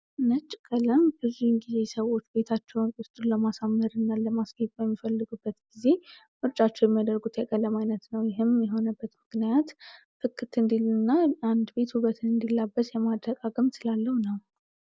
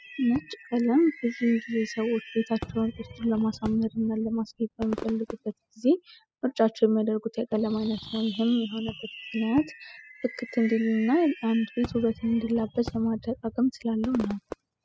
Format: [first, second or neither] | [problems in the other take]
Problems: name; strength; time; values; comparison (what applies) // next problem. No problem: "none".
first | noise reduction (classical method spectral subtraction)